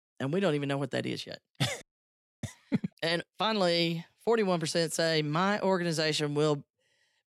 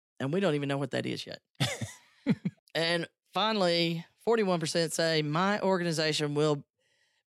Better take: second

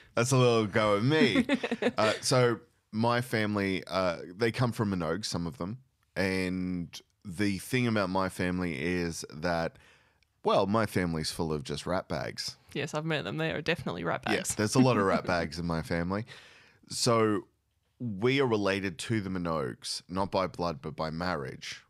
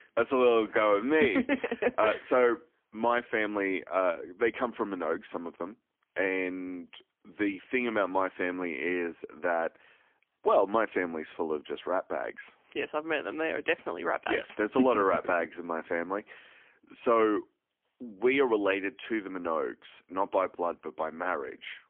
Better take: first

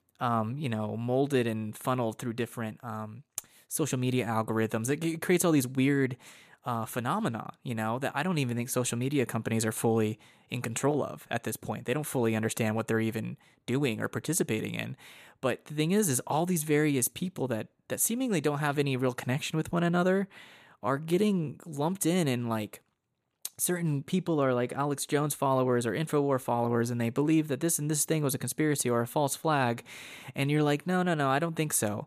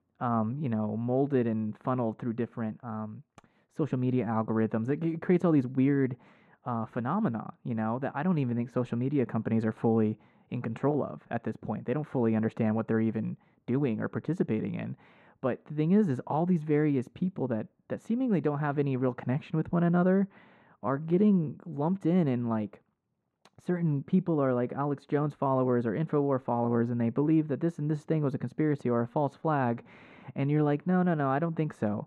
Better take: first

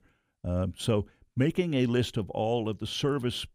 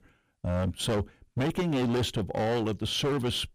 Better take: first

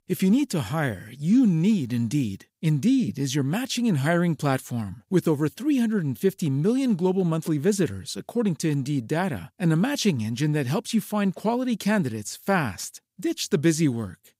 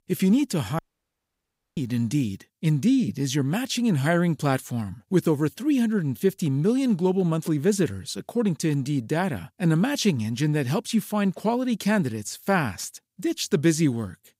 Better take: first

